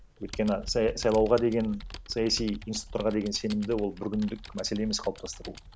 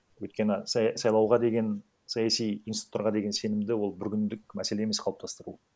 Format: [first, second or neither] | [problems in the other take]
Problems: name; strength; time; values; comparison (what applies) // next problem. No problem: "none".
second | background sound (Computer keyboard); 14 dB below the speech